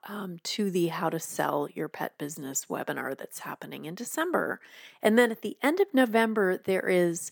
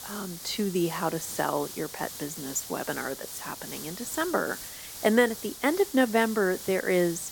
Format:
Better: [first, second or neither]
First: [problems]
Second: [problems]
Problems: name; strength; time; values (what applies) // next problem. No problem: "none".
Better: first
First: none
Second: hiss; noticeable; throughout; 10 dB below the speech